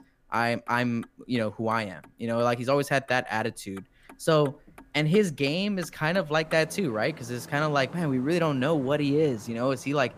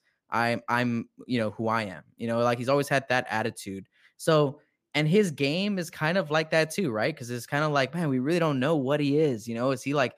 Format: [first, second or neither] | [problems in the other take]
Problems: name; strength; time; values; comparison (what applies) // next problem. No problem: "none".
second | traffic noise; faint; throughout; 20 dB below the speech